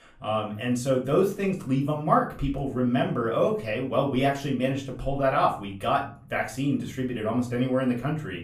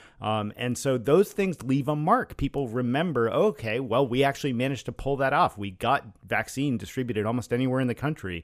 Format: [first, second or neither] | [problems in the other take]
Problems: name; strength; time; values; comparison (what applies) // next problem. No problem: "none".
second | off-mic speech; far // room echo; slight; dies away in 0.4 s